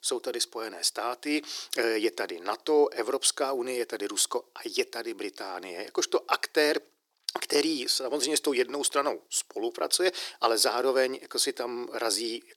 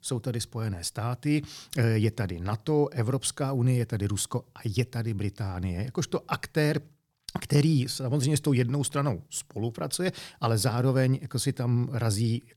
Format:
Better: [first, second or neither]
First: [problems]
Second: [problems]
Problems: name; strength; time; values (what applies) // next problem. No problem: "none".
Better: second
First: thin; very; fading below 350 Hz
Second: none